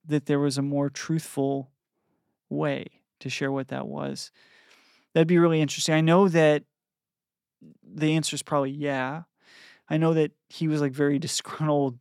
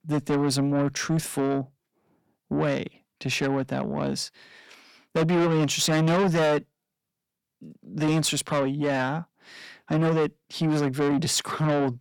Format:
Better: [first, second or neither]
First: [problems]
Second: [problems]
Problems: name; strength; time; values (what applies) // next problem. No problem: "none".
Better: first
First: none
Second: distortion; heavy; 6 dB below the speech